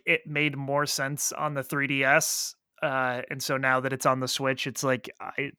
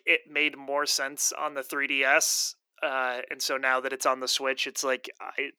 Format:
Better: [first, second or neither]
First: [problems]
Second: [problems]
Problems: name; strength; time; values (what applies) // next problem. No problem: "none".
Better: first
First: none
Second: thin; somewhat; fading below 350 Hz